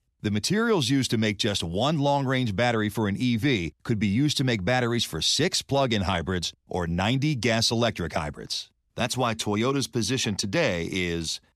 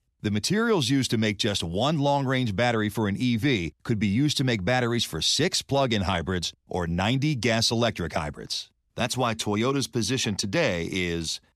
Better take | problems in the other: neither | none

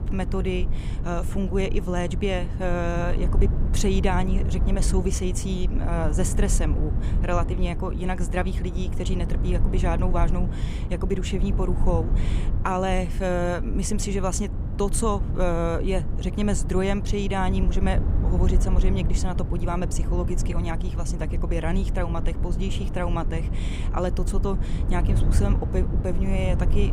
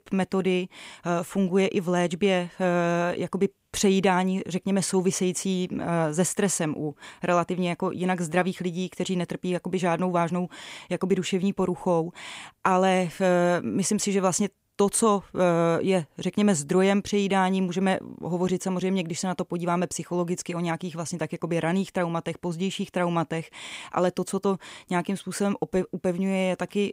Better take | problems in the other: second | low rumble; loud; throughout; 10 dB below the speech

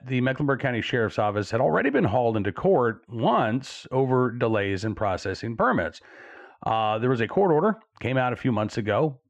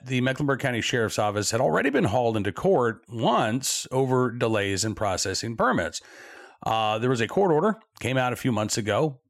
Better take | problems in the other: second | muffled; slightly; fading above 2.5 kHz

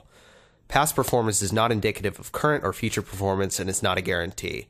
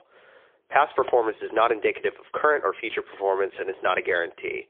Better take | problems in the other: first | phone-call audio; poor line; nothing above 3.5 kHz

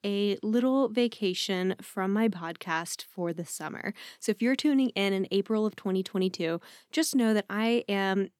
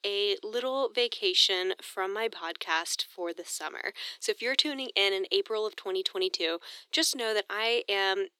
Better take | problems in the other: first | thin; very; fading below 350 Hz

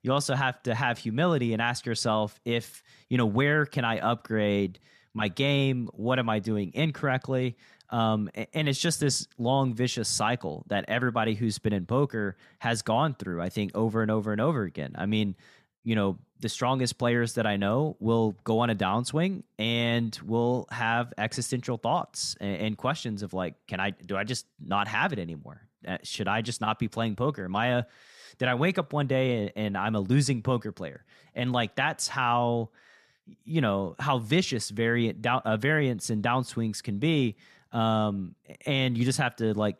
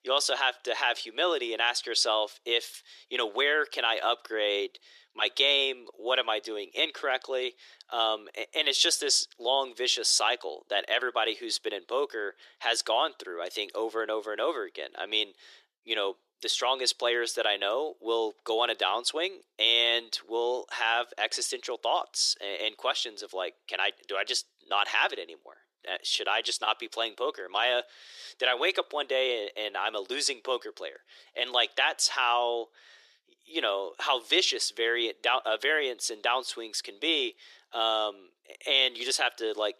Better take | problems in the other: first | thin; very; fading below 350 Hz

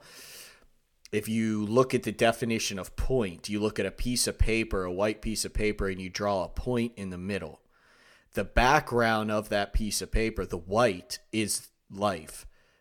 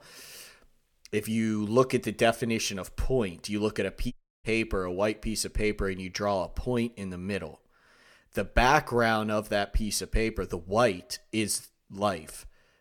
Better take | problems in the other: first | audio cutting out; at 4 s

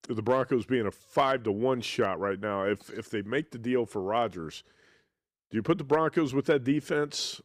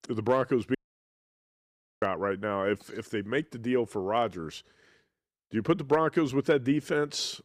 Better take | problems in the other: first | audio cutting out; at 1 s for 1.5 s

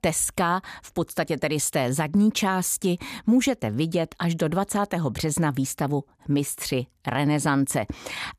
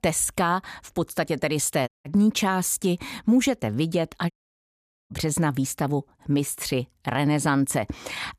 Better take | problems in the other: first | audio cutting out; at 2 s and at 4.5 s for 1 s

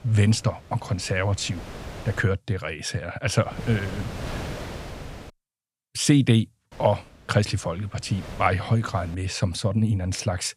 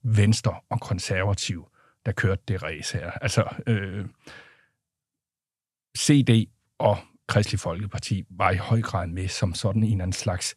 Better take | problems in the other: second | wind noise on the microphone; occasional gusts; until 2 s, from 3.5 to 5.5 s and from 6.5 to 9 s; 15 dB below the speech

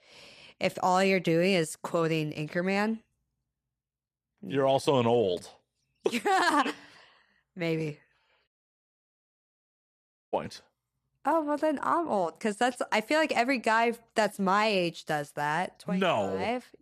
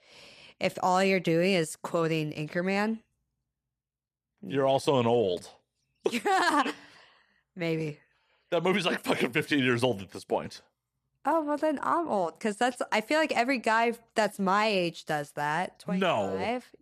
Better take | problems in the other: second | audio cutting out; at 8.5 s for 2 s

